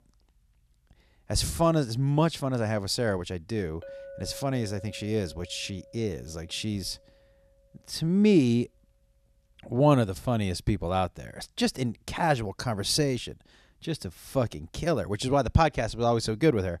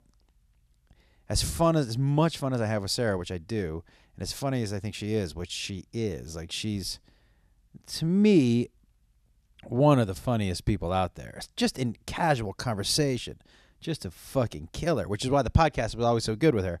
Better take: second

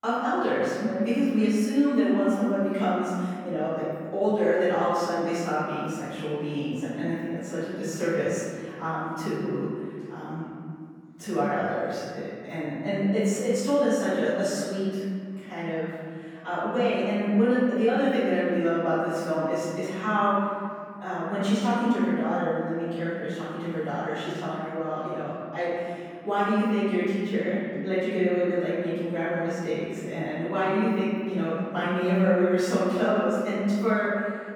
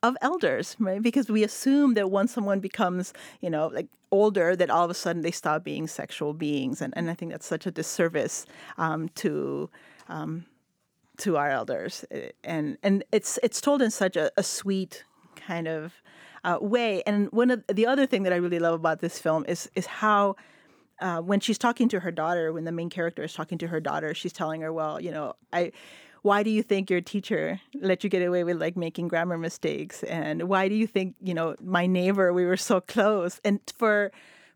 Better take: second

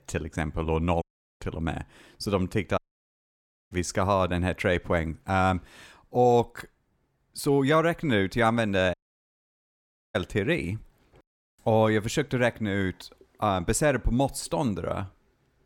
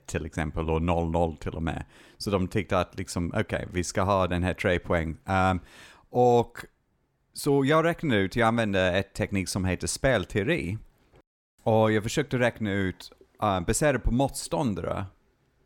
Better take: second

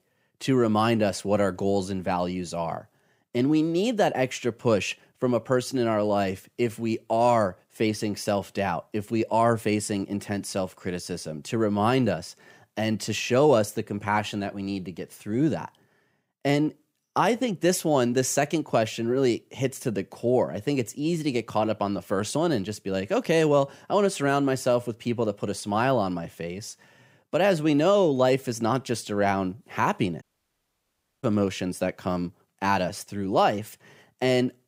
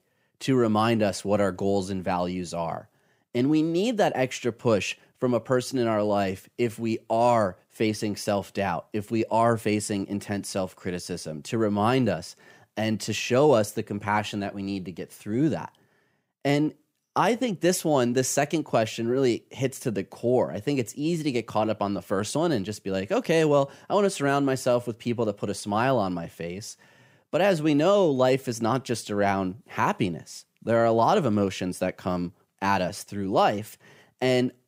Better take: second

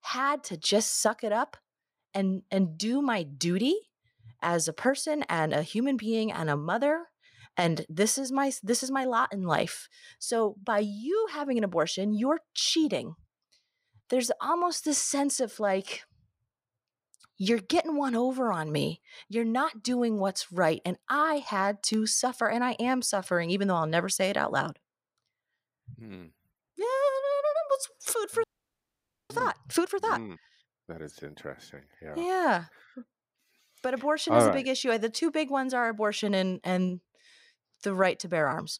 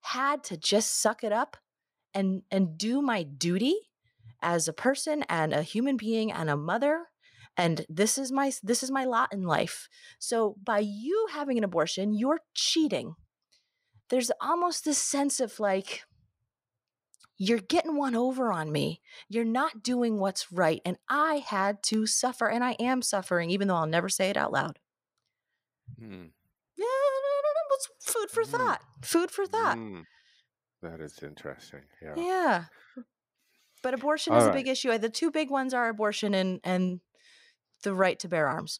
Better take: second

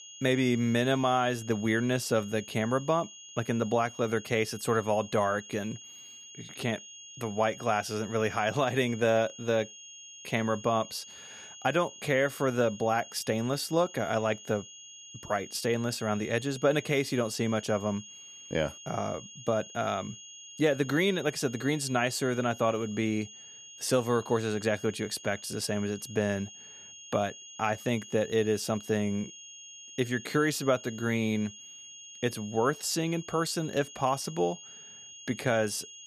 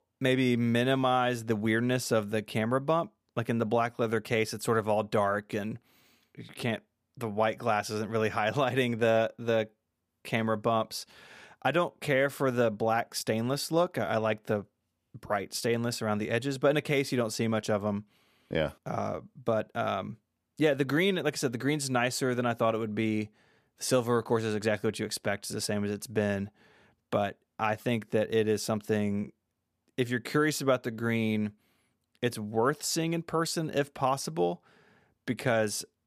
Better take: second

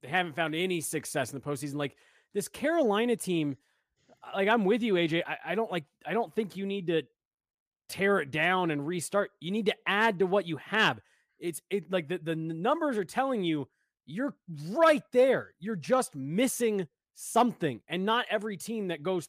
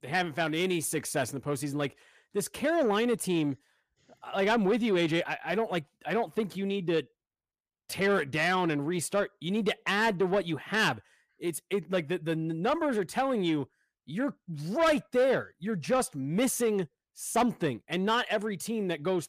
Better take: first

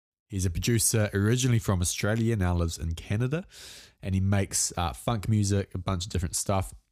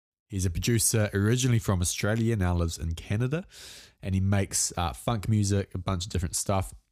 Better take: neither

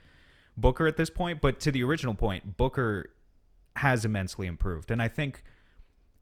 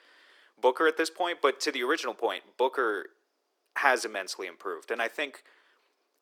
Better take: first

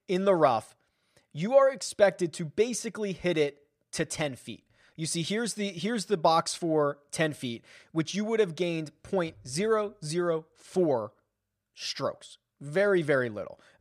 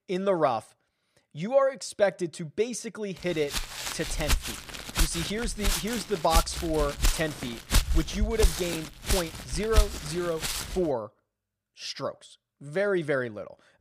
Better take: first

